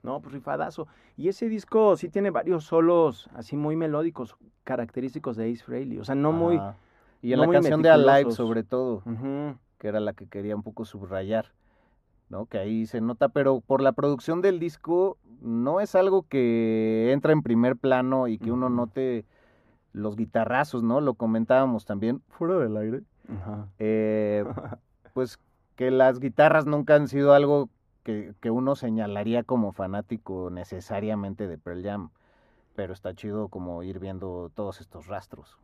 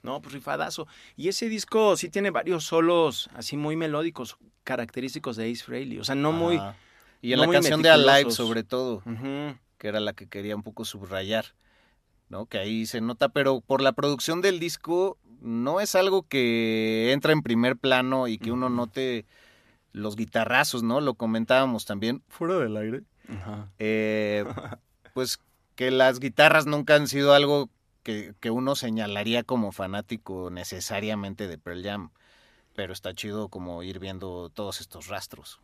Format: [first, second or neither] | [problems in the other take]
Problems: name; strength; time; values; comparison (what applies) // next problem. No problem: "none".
second | muffled; very; fading above 2 kHz